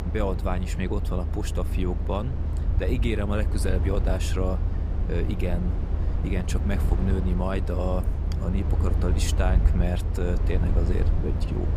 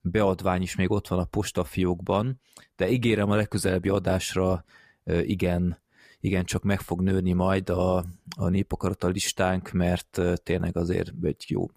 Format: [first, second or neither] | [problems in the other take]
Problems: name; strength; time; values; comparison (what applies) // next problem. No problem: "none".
second | low rumble; loud; throughout; 7 dB below the speech